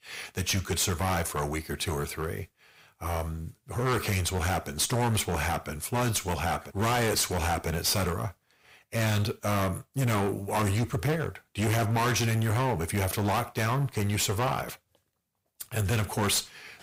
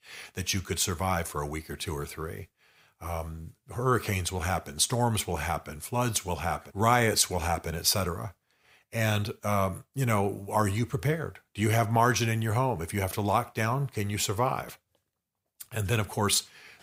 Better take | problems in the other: second | distortion; heavy; 17% of the sound clipped

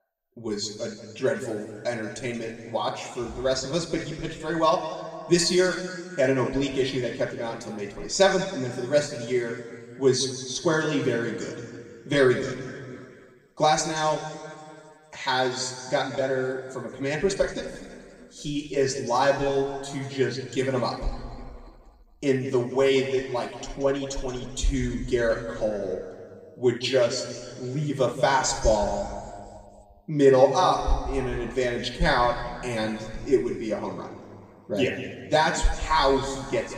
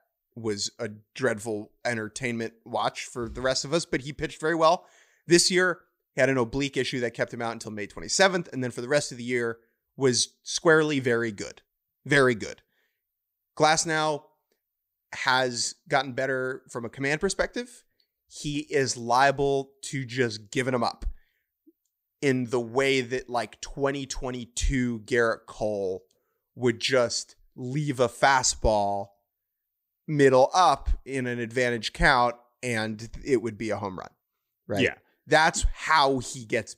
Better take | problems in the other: second | room echo; noticeable; dies away in 1.9 s // off-mic speech; far

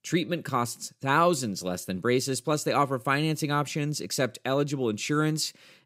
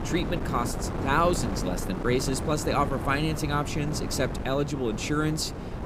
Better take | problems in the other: first | wind noise on the microphone; heavy; 8 dB below the speech

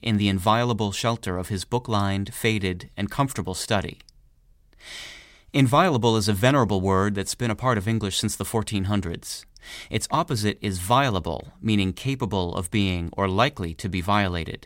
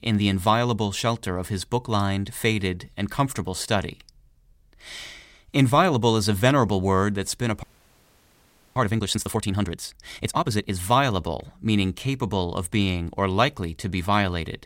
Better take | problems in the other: first | audio freezing; at 7.5 s for 1 s

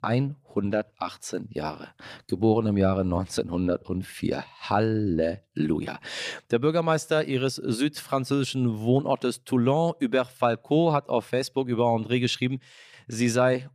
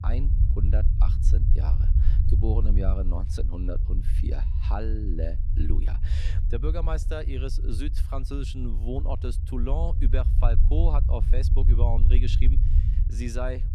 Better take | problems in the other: first | low rumble; loud; throughout; 7 dB below the speech

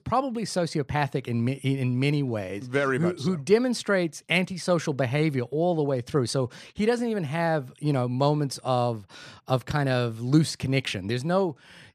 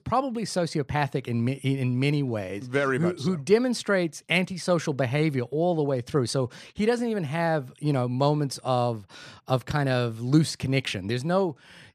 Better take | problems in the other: neither | none

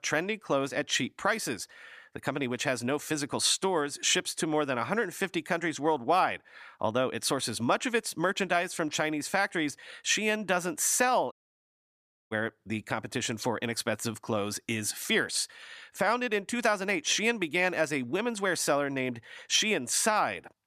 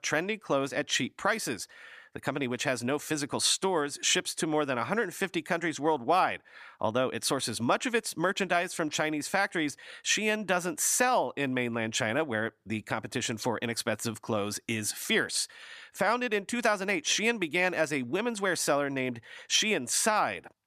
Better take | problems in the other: second | audio cutting out; at 11 s for 1 s

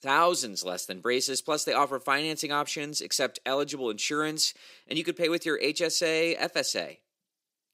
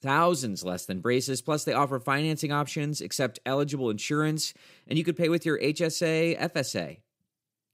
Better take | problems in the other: second | thin; somewhat; fading below 350 Hz

